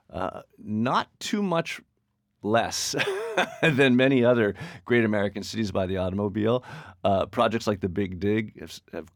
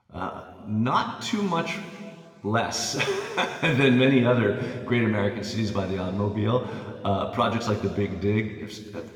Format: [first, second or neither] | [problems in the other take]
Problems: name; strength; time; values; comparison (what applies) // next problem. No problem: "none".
first | room echo; noticeable; dies away in 2.1 s // off-mic speech; somewhat distant